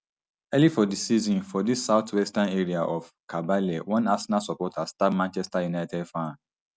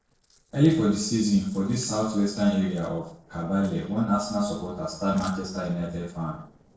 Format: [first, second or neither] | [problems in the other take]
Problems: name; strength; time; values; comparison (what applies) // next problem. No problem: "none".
first | noise reduction (neural separator model SepFormer DNS4)